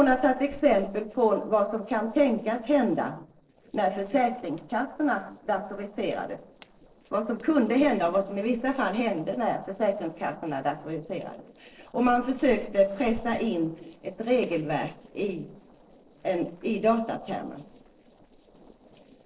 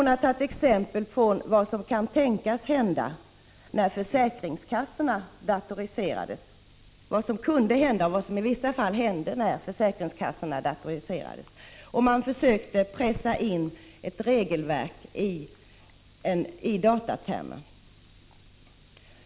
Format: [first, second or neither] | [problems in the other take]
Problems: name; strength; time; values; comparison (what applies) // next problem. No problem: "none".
second | noise reduction (neural separator model SepFormer DNS4)